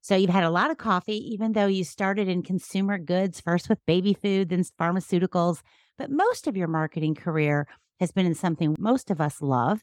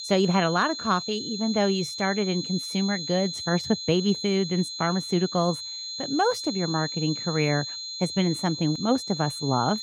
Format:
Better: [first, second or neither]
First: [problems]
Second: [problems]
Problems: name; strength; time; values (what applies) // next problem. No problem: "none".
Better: first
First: none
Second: high-pitched whine; loud; throughout; 4 kHz, 6 dB below the speech